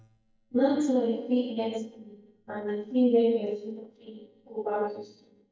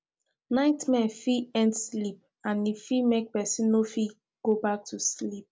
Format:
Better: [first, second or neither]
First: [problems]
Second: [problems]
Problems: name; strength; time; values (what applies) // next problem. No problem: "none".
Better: second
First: noise reduction (neural mask model DeepFilterNet 3)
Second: none